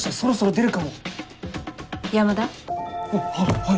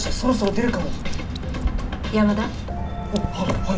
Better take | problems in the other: first | background sound (Drip / Water); 2 dB below the speech // room echo; dies away in 0.4 s

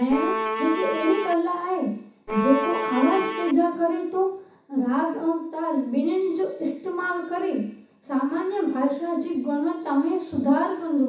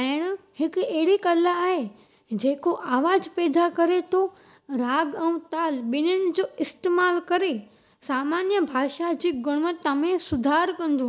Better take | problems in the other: second | background sound (Bowed string instrument); 3 dB below the speech // room echo; dies away in 0.7 s

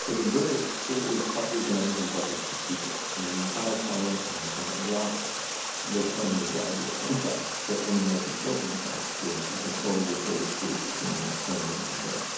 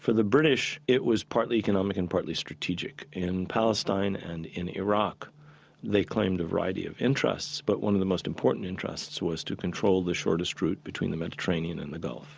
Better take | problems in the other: second | background sound (Water); 2 dB below the speech // room echo; dies away in 1.2 s

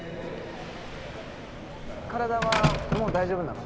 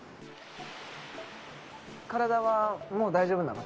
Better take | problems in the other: second | background sound (Slam); as loud as the speech

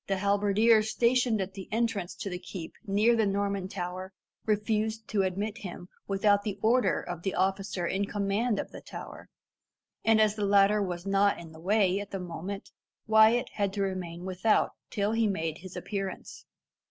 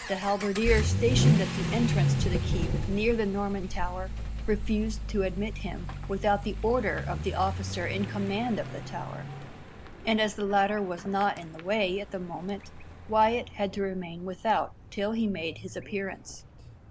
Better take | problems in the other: first | background sound (Accelerating, revving, vroom / Vehicle); 2 dB below the speech

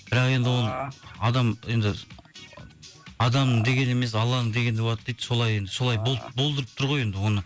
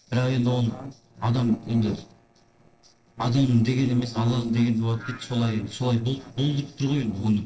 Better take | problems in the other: first | noise reduction (neural separator model SepFormer DNS4)

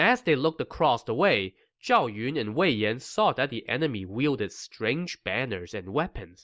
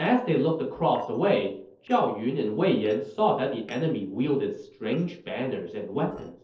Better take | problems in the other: first | noise reduction (neural separator model SepFormer DNS4)

